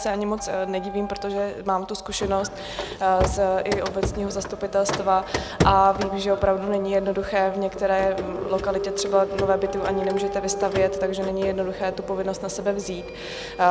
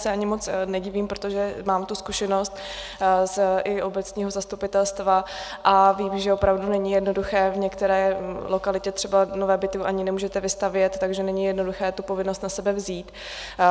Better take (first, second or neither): second